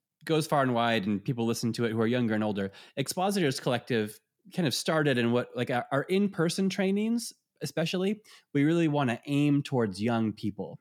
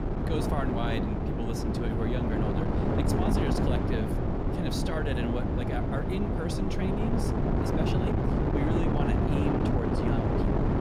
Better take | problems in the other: first | wind noise on the microphone; heavy; 4 dB above the speech

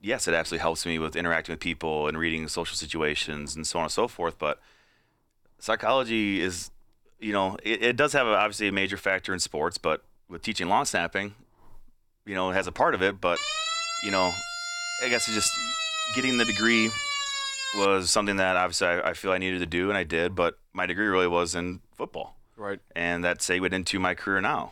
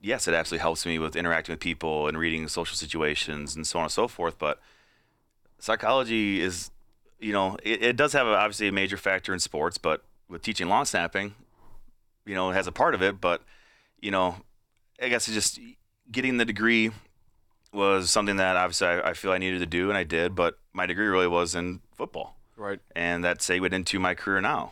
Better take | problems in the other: second | siren; noticeable; from 13 to 18 s; peak level with the speech

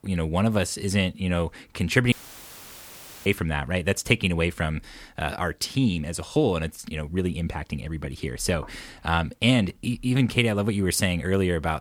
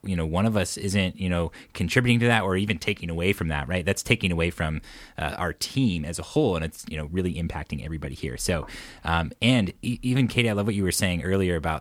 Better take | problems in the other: second | audio cutting out; filled with static; at 2 s for 1 s

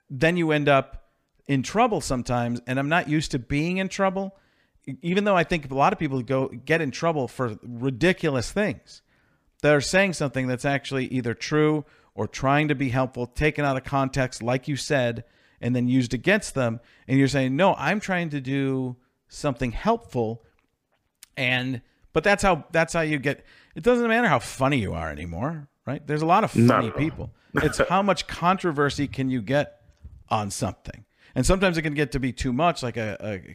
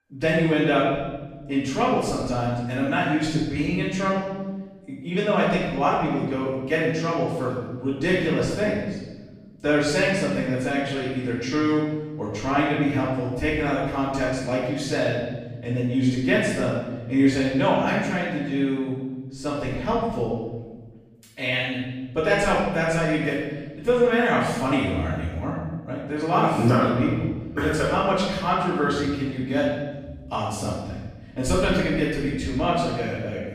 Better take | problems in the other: first | off-mic speech; far // room echo; noticeable; dies away in 1.1 s

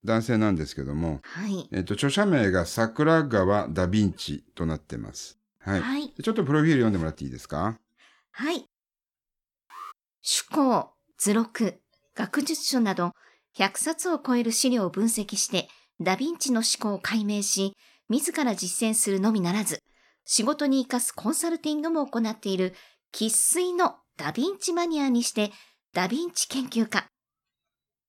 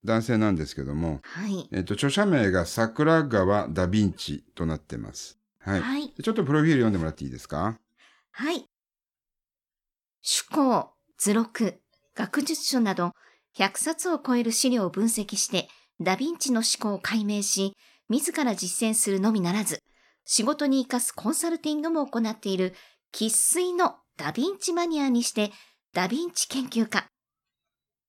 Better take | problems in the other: second | alarm; faint; at 9.5 s; peak 15 dB below the speech

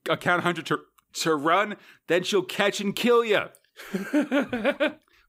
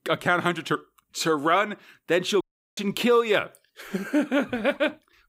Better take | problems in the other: first | audio cutting out; at 2.5 s

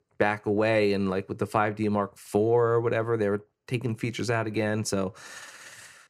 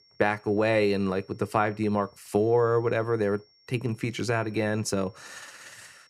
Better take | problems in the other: first | high-pitched whine; faint; throughout; 5.5 kHz, 30 dB below the speech

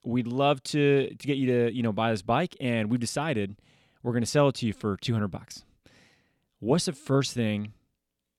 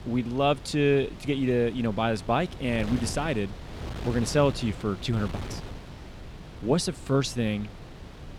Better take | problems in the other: first | wind noise on the microphone; occasional gusts; 15 dB below the speech

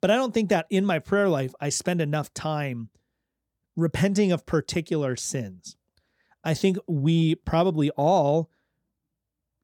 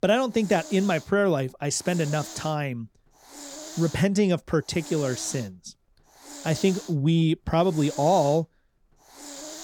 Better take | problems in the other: first | hiss; noticeable; throughout; 15 dB below the speech

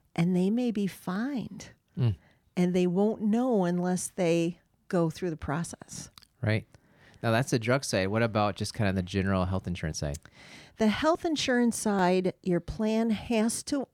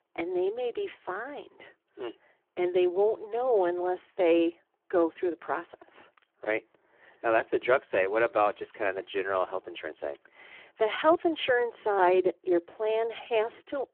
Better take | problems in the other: first | phone-call audio; poor line

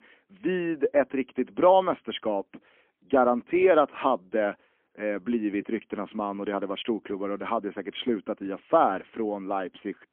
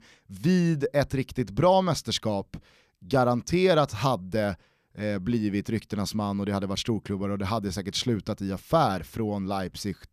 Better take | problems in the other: second | phone-call audio; poor line; nothing above 3.5 kHz

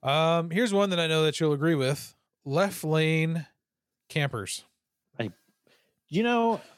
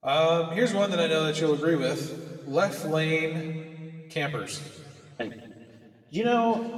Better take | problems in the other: first | room echo; slight; dies away in 1.9 s // off-mic speech; somewhat distant

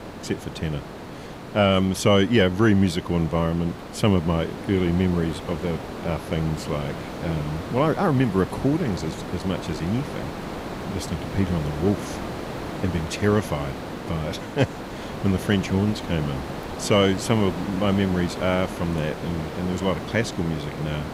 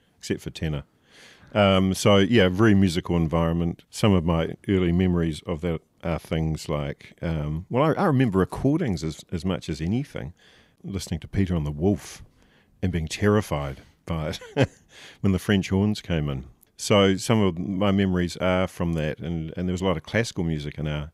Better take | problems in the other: second | hiss; loud; throughout; 9 dB below the speech

